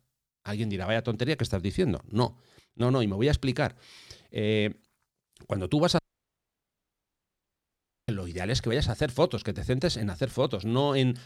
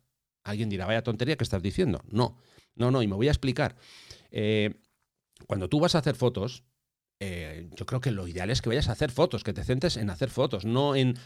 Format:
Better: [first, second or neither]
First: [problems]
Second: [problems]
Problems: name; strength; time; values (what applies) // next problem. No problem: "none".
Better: second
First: audio cutting out; at 6 s for 2 s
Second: none